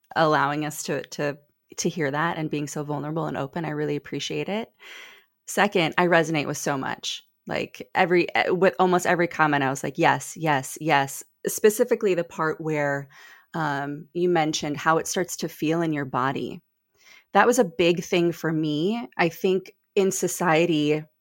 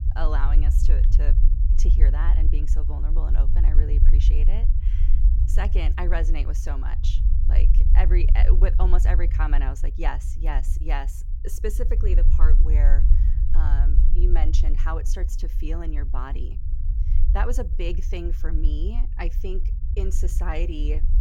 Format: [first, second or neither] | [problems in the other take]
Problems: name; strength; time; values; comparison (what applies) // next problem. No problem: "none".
first | low rumble; loud; throughout; 9 dB below the speech